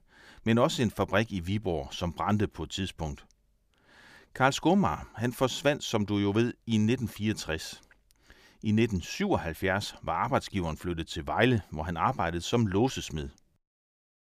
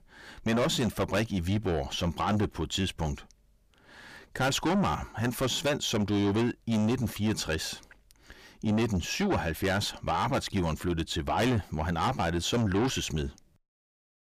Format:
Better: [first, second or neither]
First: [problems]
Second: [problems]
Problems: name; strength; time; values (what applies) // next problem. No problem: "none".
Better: first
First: none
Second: distortion; heavy; 6 dB below the speech